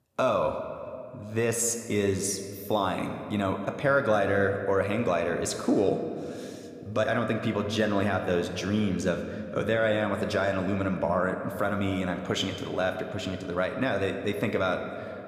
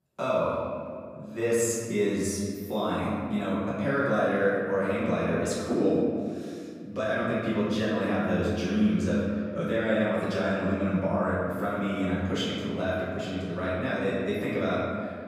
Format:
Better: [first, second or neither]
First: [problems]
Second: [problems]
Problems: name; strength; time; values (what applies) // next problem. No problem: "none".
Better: first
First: room echo; slight; dies away in 1.9 s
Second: room echo; strong; dies away in 2.1 s // off-mic speech; far